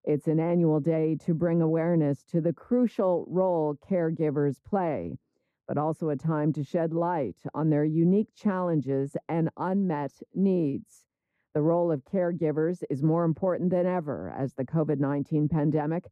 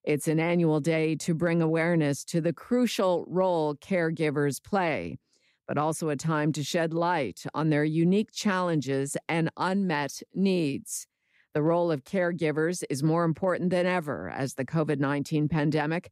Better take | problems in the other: second | muffled; very; fading above 1.5 kHz

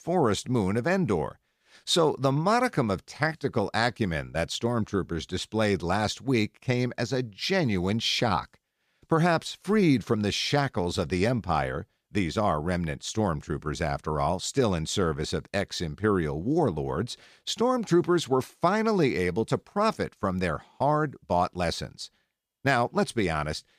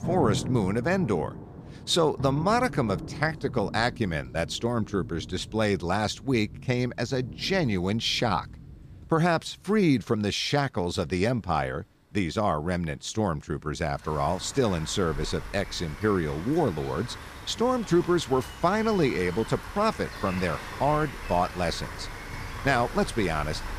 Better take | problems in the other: first | rain or running water; noticeable; throughout; 10 dB below the speech

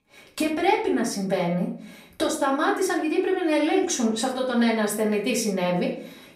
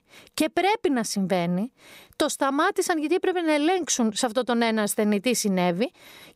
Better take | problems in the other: second | room echo; slight; dies away in 0.4 s // off-mic speech; far

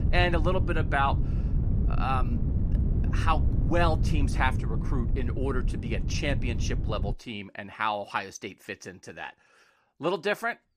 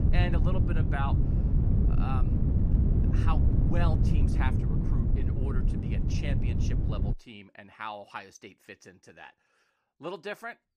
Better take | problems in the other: first | wind noise on the microphone; heavy; until 7 s; as loud as the speech; occasional gusts in the first

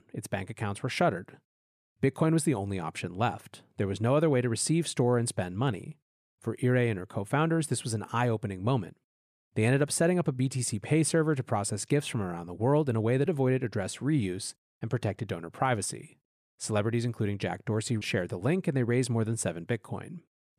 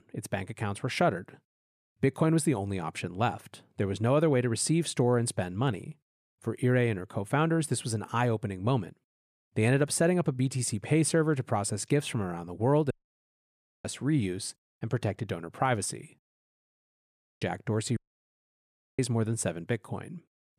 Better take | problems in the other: first | audio cutting out; at 13 s for 1 s, at 16 s for 1 s and at 18 s for 1 s

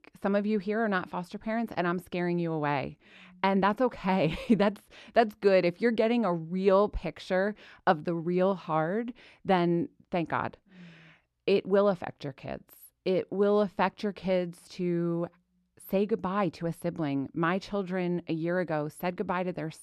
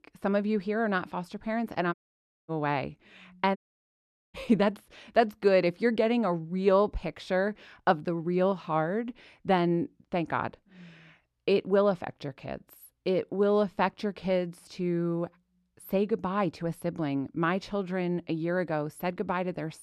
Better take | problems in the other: first | audio cutting out; at 2 s for 0.5 s and at 3.5 s for 1 s

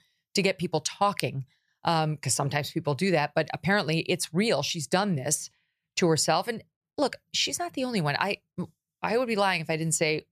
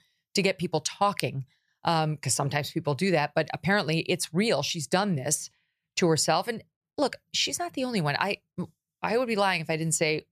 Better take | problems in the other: neither | none

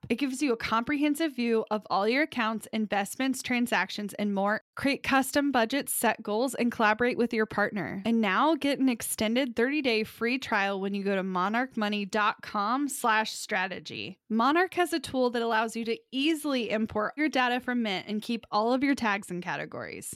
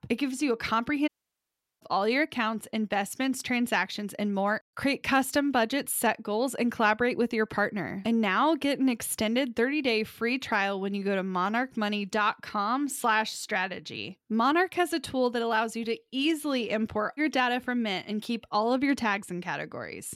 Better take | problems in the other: first | audio cutting out; at 1 s for 0.5 s

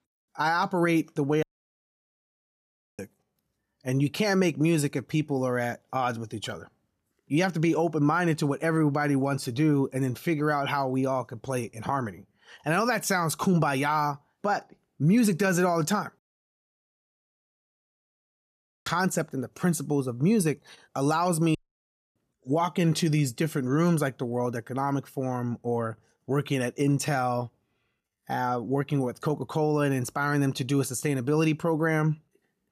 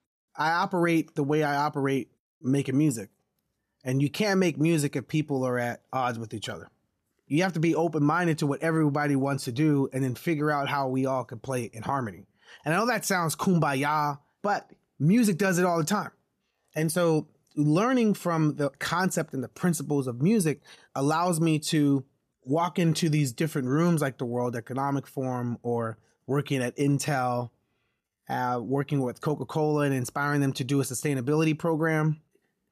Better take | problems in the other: second | audio cutting out; at 1.5 s for 1.5 s, at 16 s for 2.5 s and at 22 s for 0.5 s

